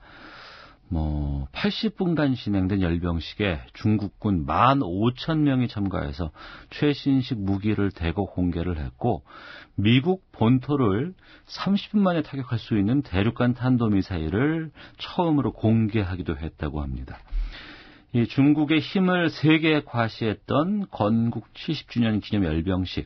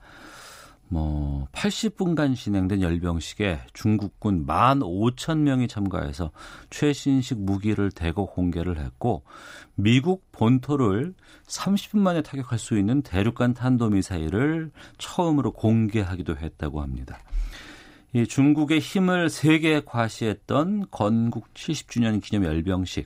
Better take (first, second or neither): second